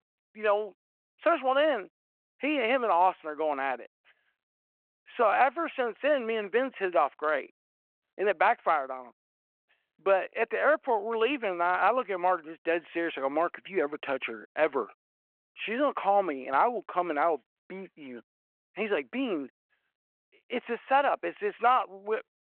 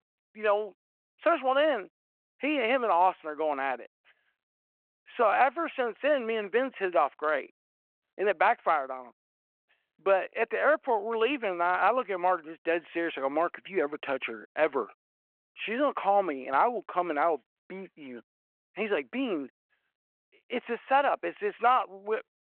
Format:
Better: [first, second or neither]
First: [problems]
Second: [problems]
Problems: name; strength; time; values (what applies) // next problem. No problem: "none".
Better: neither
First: phone-call audio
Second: phone-call audio